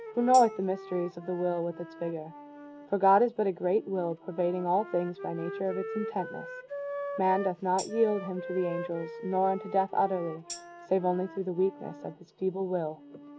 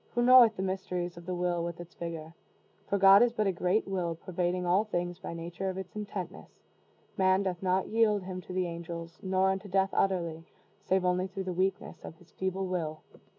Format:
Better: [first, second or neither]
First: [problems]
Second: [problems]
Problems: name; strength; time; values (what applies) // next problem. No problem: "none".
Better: second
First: background sound (Tambourine + Wind instrument, woodwind instrument); 12 dB below the speech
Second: none